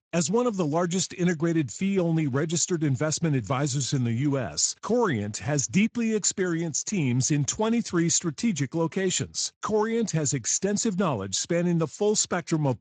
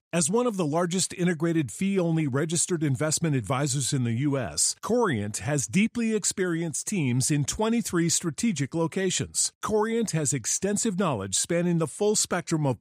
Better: second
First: garbled, watery; slightly; nothing above 7.5 kHz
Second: none

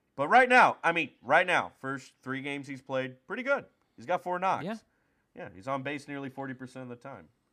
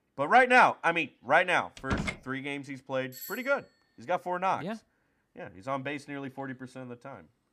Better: first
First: none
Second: door banging; noticeable; at 2 s; peak 5 dB below the speech // doorbell; faint; at 3 s; peak 15 dB below the speech

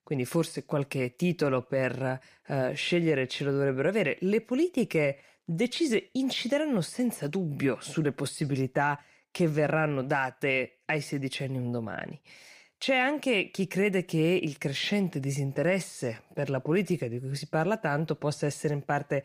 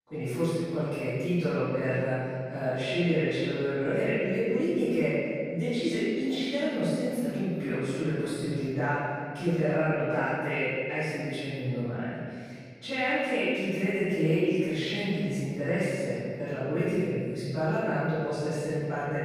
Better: first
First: none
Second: off-mic speech; far // room echo; strong; dies away in 2 s

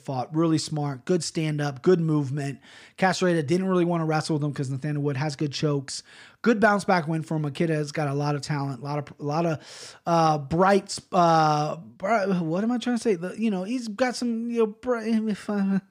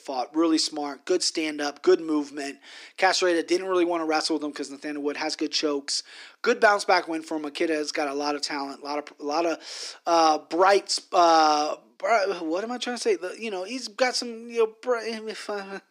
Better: first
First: none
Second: thin; somewhat; fading below 300 Hz

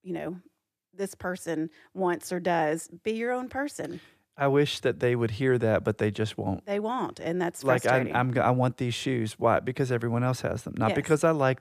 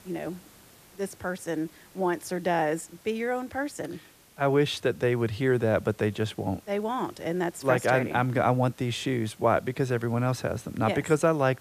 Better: first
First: none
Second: hiss; faint; throughout; 25 dB below the speech

